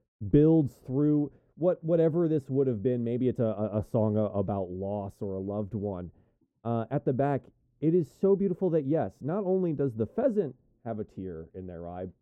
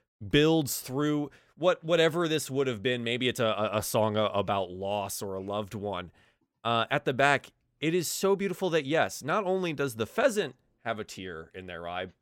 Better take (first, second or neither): second